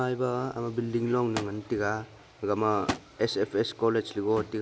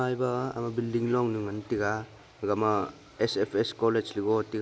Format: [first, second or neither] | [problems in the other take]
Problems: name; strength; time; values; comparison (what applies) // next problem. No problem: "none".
second | background sound (Thump, thud); 14 dB below the speech